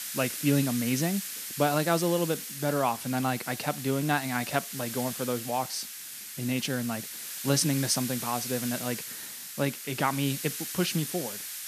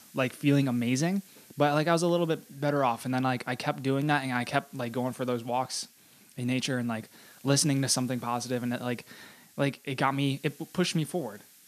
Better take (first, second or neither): second